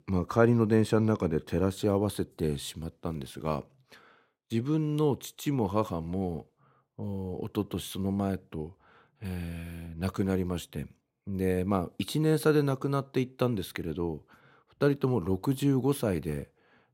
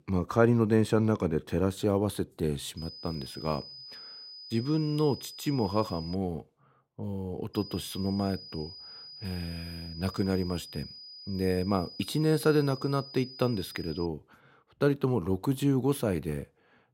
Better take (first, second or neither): first